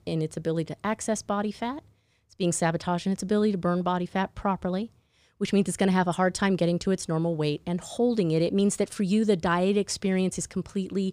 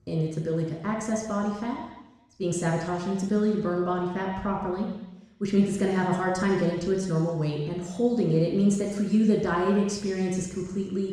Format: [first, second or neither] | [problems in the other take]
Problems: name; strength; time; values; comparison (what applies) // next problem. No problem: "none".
first | room echo; noticeable; dies away in 1 s // off-mic speech; far